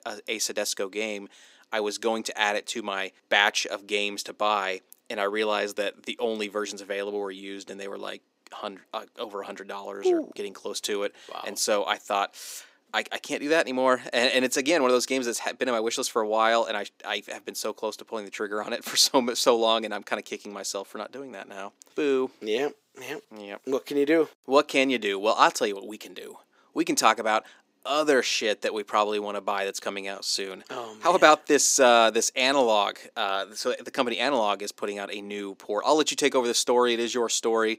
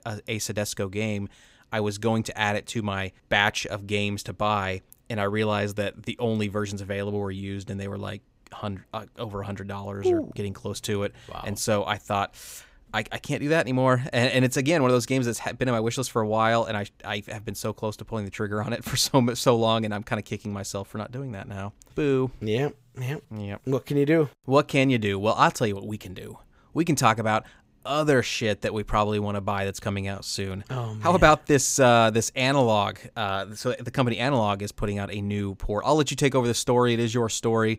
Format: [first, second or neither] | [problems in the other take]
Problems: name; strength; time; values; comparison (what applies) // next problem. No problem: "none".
second | thin; somewhat; fading below 300 Hz